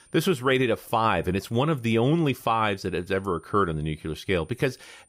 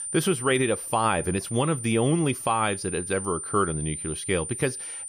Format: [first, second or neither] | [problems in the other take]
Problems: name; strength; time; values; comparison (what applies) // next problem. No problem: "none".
first | high-pitched whine; loud; throughout; 9 kHz, 7 dB below the speech; faint in the first